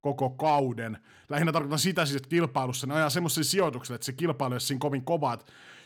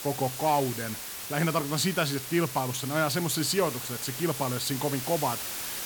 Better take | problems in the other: first | hiss; loud; throughout; 6 dB below the speech

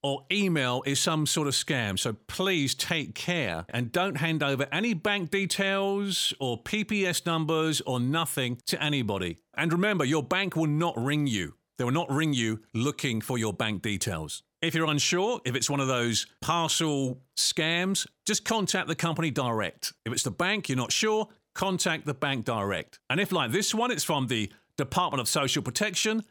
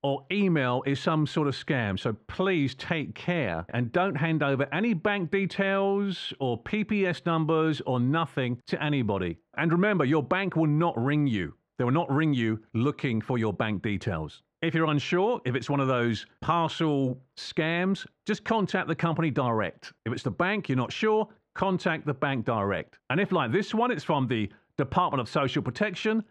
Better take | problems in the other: first | muffled; very; fading above 2 kHz

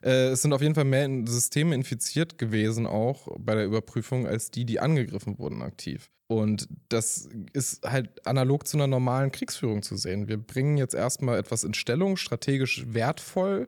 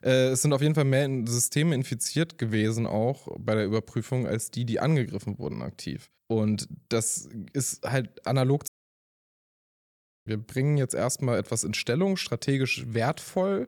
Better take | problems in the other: first | audio cutting out; at 8.5 s for 1.5 s

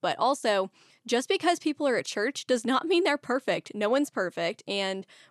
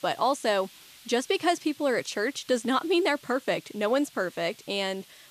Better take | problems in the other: first | hiss; faint; throughout; 20 dB below the speech

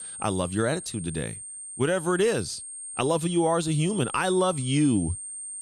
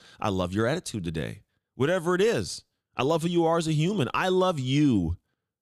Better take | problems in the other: second | high-pitched whine; loud; throughout; 8.5 kHz, 10 dB below the speech

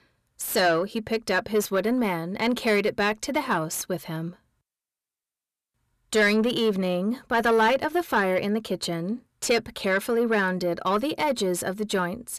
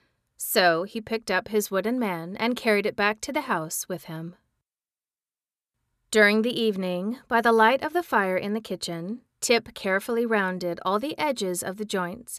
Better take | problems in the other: second | distortion; slight; 10 dB below the speech

